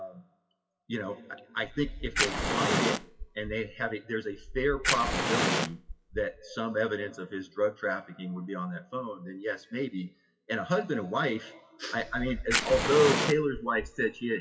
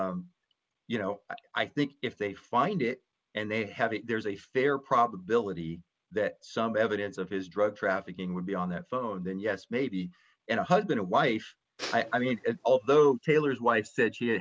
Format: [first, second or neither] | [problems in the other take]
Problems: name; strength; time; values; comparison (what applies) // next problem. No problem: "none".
second | noise reduction (classical method WPE with log-MMSE)